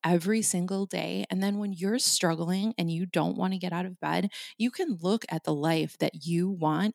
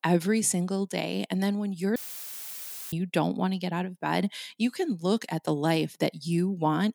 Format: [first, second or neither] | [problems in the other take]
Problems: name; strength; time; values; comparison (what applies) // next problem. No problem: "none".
first | audio cutting out; filled with static; at 2 s for 1 s